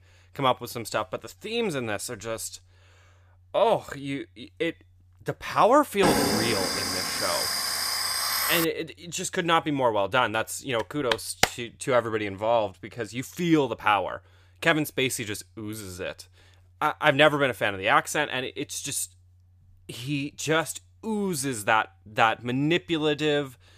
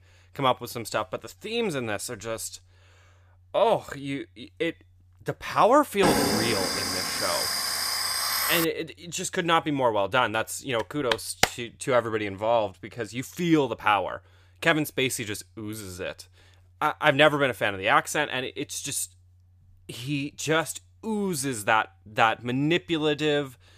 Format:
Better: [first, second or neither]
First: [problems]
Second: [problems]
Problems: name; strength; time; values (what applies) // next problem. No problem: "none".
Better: neither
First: alarm; loud; from 6 to 8.5 s; peak 3 dB above the speech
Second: alarm; loud; from 6 to 8.5 s; peak 3 dB above the speech